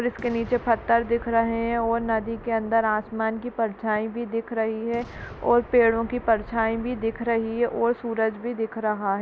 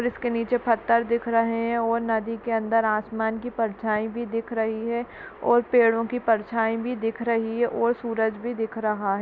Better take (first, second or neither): second